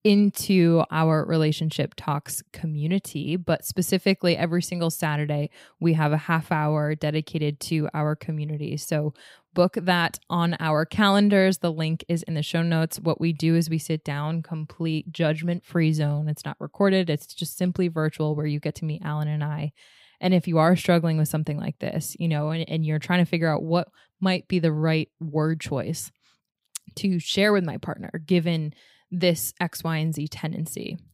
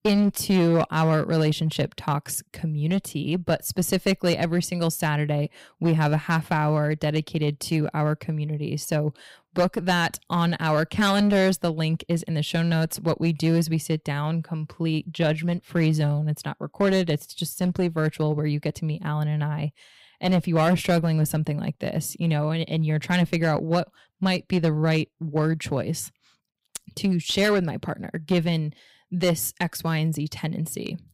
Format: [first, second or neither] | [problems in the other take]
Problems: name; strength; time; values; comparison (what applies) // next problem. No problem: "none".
first | distortion; slight; 7% of the sound clipped